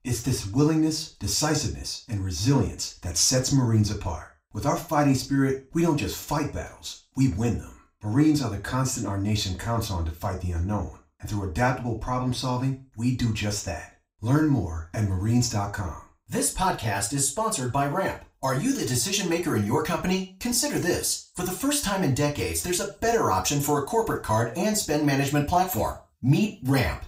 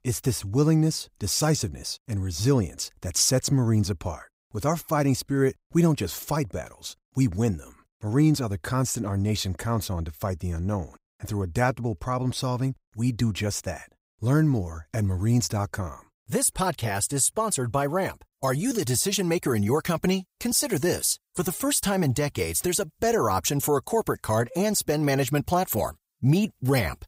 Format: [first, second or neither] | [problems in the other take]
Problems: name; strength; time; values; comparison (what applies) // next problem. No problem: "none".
second | room echo; slight; dies away in 0.3 s // off-mic speech; somewhat distant